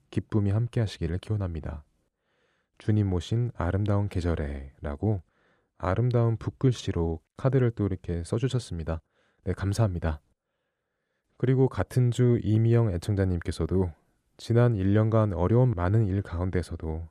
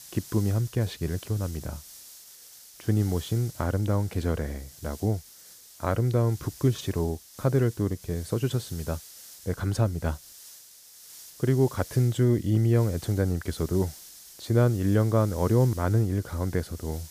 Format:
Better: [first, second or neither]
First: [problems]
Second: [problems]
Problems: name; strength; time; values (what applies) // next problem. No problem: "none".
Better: first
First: none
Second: hiss; noticeable; throughout; 20 dB below the speech